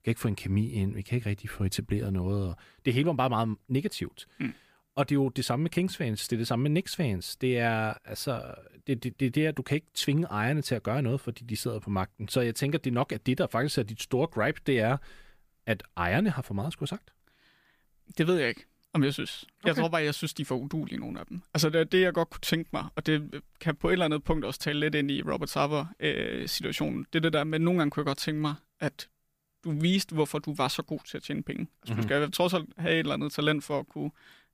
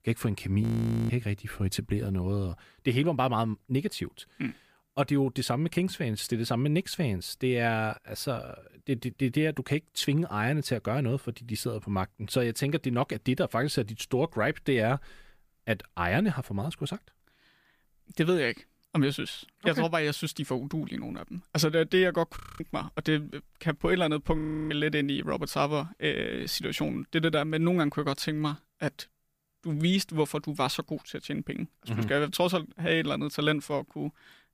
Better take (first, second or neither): first